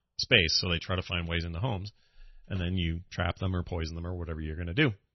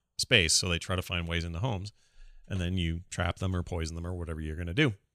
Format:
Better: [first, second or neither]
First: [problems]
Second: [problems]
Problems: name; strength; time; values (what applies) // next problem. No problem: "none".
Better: second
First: garbled, watery; slightly; nothing above 6 kHz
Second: none